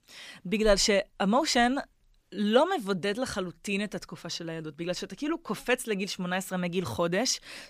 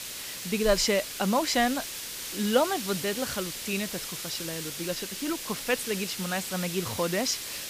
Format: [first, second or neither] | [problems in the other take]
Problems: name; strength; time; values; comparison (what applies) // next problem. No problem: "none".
first | hiss; loud; throughout; 5 dB below the speech